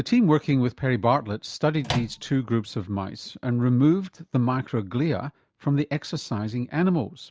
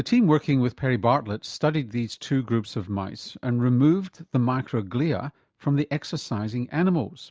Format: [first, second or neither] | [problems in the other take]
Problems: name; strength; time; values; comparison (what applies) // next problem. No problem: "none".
second | background sound (Microwave oven); 7 dB below the speech